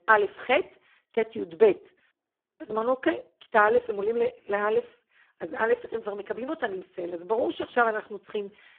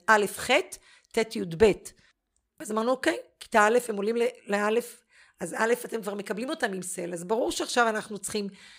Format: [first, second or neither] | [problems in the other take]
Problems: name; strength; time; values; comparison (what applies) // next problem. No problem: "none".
second | phone-call audio; poor line